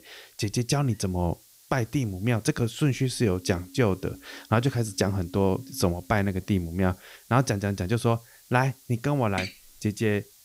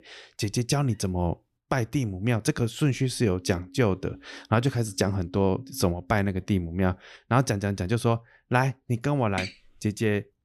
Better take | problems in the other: second | hiss; faint; throughout; 25 dB below the speech

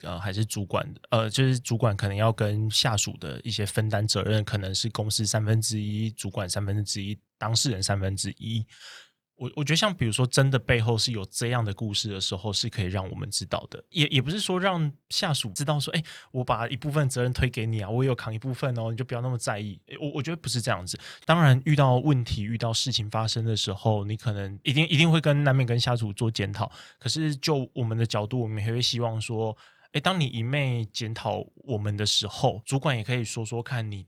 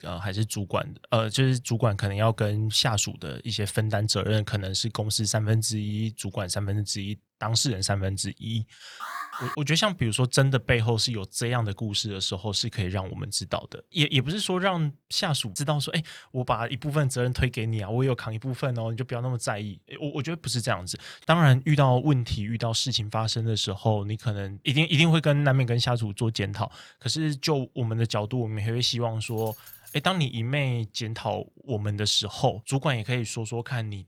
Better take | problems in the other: first | alarm; noticeable; at 9 s; peak 8 dB below the speech // jangling keys; faint; at 29 s; peak 15 dB below the speech

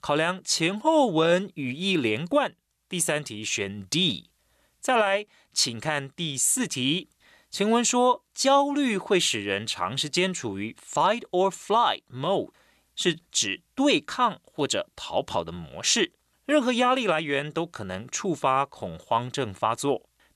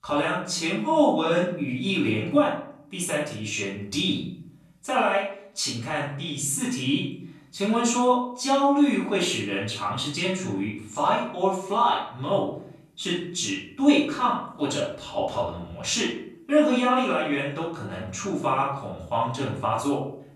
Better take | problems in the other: first | off-mic speech; far // room echo; noticeable; dies away in 0.7 s

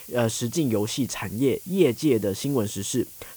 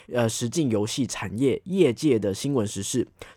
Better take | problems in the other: second | hiss; noticeable; throughout; 15 dB below the speech

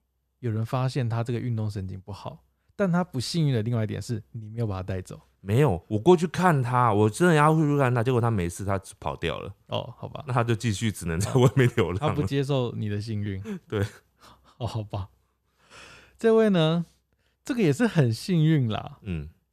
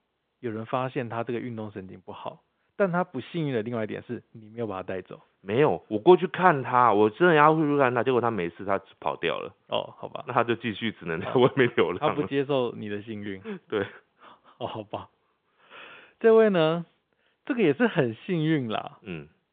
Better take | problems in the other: first | phone-call audio

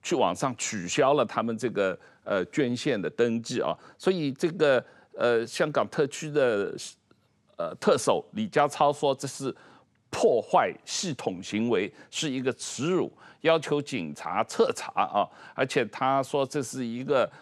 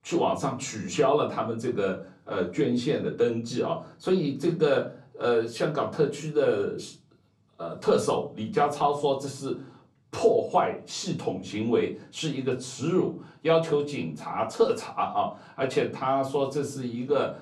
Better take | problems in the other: first | off-mic speech; far // room echo; very slight; dies away in 0.4 s

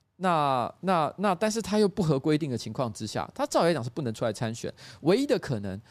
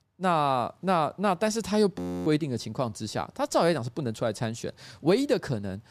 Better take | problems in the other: first | audio freezing; at 2 s

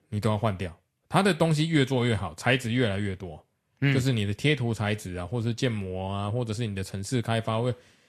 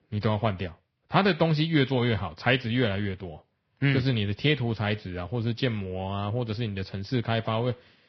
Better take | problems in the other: first | garbled, watery; badly; nothing above 5.5 kHz; slightly in the first

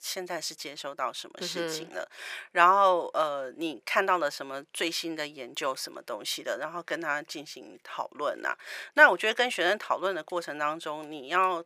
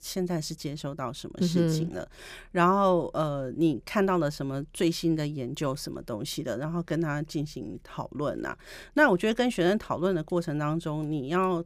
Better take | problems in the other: second | thin; very; fading below 650 Hz

